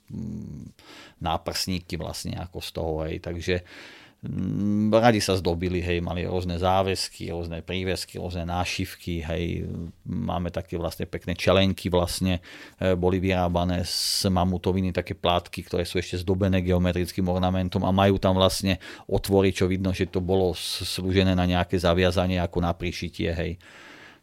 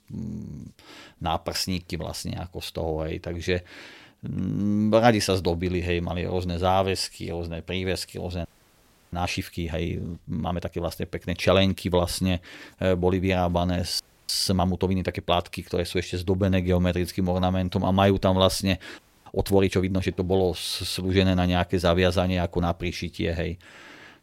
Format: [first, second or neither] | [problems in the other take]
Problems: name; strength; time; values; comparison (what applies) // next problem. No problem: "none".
first | audio freezing; at 8.5 s for 0.5 s, at 14 s and at 19 s